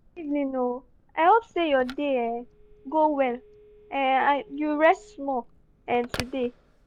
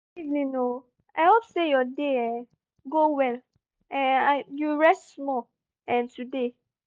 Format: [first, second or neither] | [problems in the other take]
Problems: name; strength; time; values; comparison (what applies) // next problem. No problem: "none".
second | background sound (Telephone); 20 dB below the speech